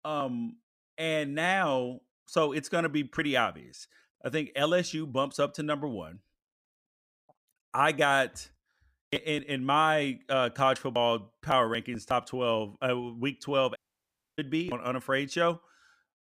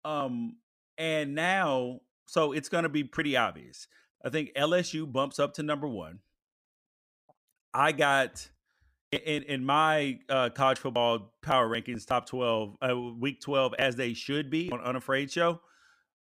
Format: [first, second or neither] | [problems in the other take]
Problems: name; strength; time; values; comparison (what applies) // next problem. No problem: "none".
second | audio cutting out; at 14 s for 0.5 s